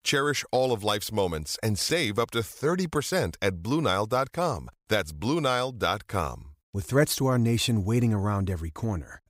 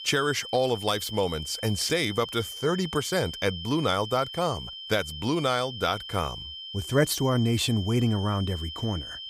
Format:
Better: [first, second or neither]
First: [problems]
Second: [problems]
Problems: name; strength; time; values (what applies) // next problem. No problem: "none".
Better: first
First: none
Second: high-pitched whine; loud; throughout; 3 kHz, 10 dB below the speech